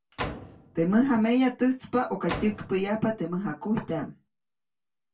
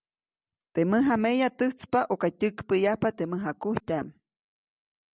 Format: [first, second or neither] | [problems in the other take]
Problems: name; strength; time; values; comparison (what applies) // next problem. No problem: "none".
second | background sound (Slam); 14 dB below the speech // room echo; dies away in 0.2 s